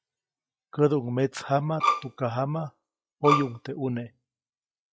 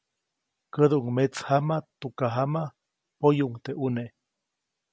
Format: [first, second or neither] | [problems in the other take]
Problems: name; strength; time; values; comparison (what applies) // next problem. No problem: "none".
second | noise reduction (classical method log-MMSE)